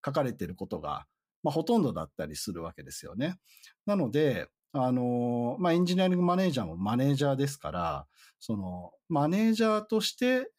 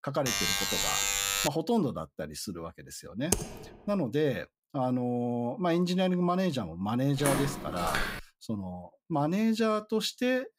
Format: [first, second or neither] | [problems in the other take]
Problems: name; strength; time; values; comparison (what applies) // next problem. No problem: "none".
first | alarm; loud; until 1.5 s; peak 4 dB above the speech // keyboard typing; noticeable; at 3.5 s; peak level with the speech // footsteps; noticeable; from 7 to 8 s; peak level with the speech